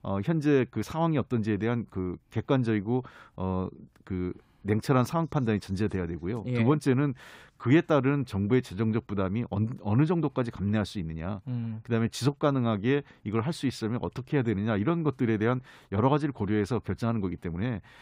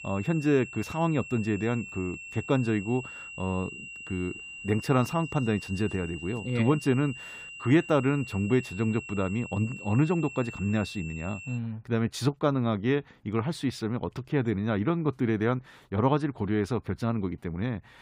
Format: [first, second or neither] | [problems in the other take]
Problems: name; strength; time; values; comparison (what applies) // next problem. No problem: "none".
first | high-pitched whine; noticeable; until 12 s; 3 kHz, 10 dB below the speech